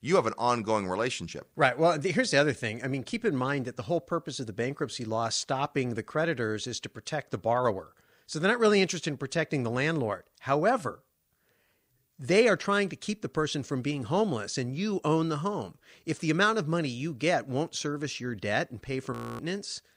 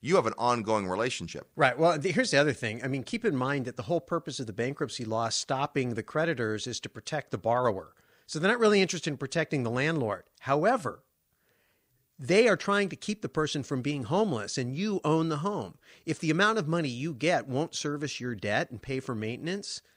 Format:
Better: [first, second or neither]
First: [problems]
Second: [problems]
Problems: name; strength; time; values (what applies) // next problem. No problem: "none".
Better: second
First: audio freezing; at 19 s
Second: none